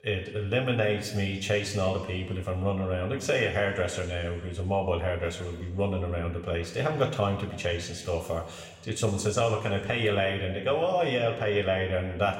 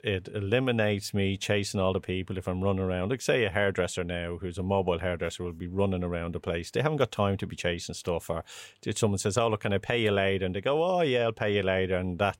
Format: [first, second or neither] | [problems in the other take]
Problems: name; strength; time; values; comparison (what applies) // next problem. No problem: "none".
second | room echo; slight; dies away in 1.2 s // off-mic speech; somewhat distant